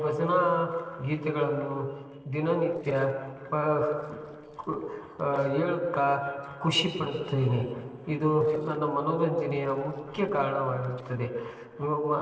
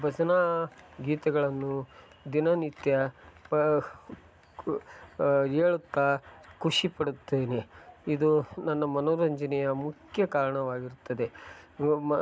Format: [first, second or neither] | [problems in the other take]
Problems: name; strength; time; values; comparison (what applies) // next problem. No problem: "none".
second | noise reduction (neural separator model SepFormer DNS4)